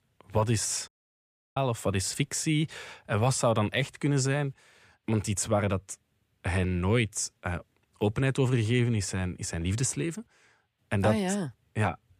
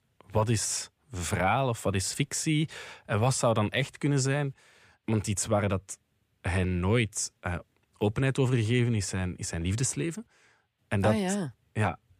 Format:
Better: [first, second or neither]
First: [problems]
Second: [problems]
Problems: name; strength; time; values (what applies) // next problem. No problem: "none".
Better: second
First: audio cutting out; at 1 s for 0.5 s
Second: none